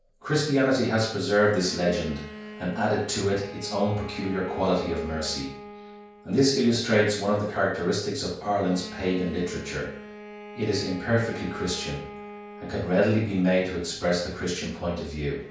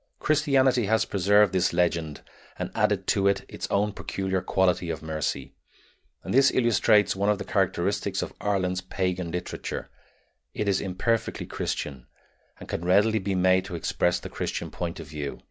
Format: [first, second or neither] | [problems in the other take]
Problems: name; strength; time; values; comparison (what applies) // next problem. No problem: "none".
second | background sound (Bowed string instrument); 16 dB below the speech // room echo; dies away in 0.5 s